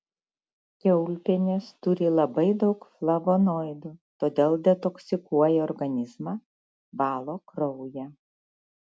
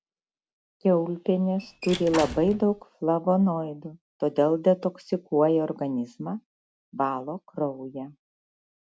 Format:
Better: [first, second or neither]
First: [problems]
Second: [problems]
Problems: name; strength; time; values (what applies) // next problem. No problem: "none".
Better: first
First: none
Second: background sound (Squeak / Slam / Wood); 10 dB below the speech